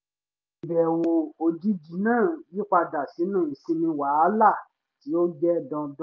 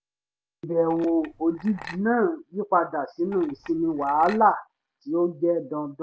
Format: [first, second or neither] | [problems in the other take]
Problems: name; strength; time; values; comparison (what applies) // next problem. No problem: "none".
first | background sound (Chink, clink); 19 dB below the speech